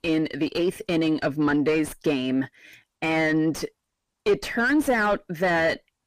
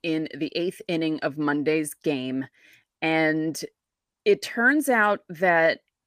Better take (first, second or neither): second